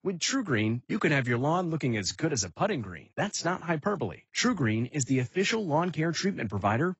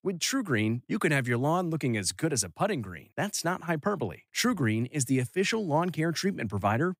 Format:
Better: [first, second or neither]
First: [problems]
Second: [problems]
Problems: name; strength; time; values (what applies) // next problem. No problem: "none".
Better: second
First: garbled, watery; badly; nothing above 7.5 kHz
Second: none